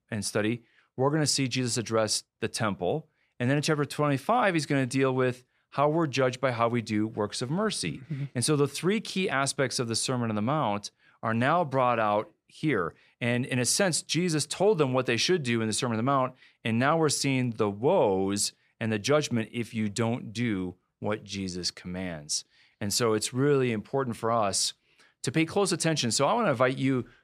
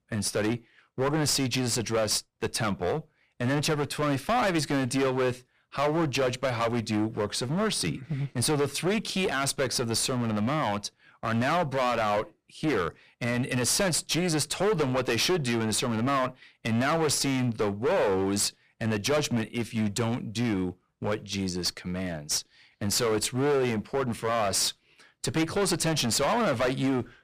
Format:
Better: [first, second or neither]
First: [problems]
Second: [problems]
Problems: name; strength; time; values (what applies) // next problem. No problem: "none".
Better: first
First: none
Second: distortion; heavy; 16% of the sound clipped